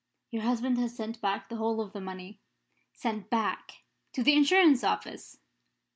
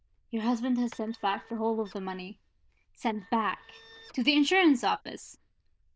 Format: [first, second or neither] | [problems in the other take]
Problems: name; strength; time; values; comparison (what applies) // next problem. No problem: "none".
first | noise reduction (neural diffusion model UNIVERSE++)